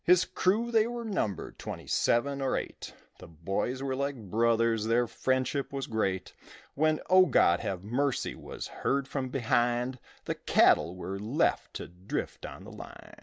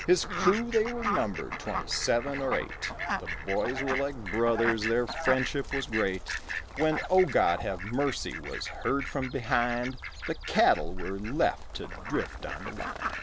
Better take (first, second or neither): first